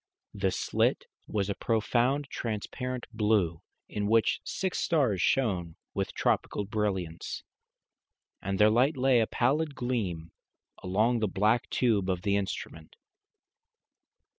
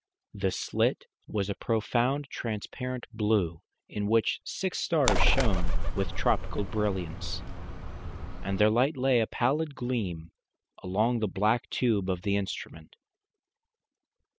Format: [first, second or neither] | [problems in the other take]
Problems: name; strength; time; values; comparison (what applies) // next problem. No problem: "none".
first | background sound (Bird); 4 dB above the speech